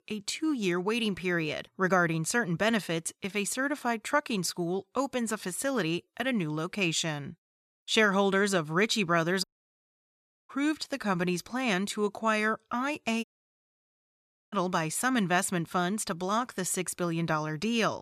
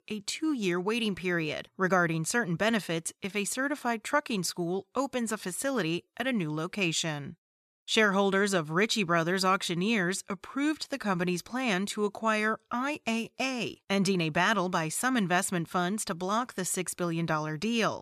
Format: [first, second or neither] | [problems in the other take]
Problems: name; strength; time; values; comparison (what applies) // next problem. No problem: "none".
second | audio cutting out; at 9.5 s for 1 s and at 13 s for 1.5 s